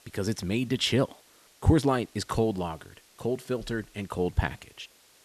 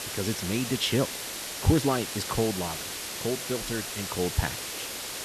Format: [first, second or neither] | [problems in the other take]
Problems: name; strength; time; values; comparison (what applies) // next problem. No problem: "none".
first | hiss; loud; throughout; 4 dB below the speech; faint in the first